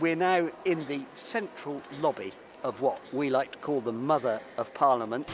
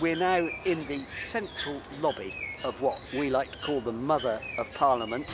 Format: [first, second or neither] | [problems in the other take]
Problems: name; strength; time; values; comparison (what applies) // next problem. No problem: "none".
first | background sound (Bird); 12 dB below the speech